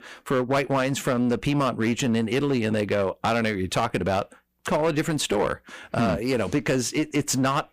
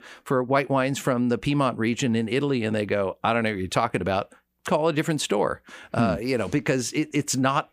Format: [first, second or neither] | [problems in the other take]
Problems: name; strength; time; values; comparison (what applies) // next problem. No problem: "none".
second | distortion; slight; 12% of the sound clipped